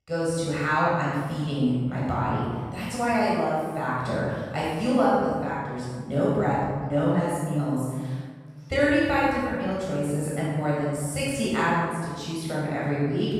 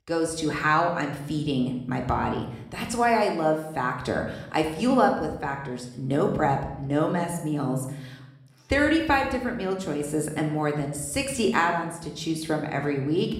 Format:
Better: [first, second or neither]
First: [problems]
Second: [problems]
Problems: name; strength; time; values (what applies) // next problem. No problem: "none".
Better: second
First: room echo; strong; dies away in 1.5 s // off-mic speech; far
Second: room echo; slight; dies away in 0.7 s